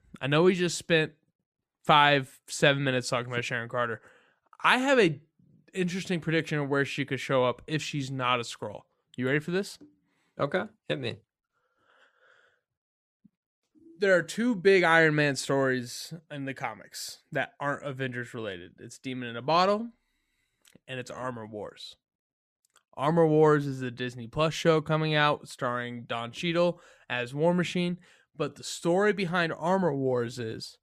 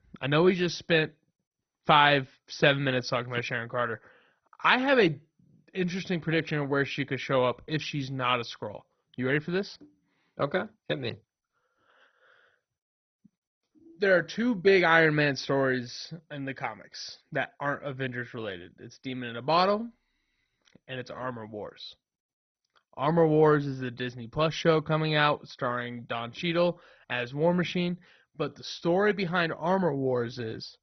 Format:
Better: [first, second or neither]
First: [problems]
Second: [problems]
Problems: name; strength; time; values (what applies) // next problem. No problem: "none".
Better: first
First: none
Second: garbled, watery; badly; nothing above 6 kHz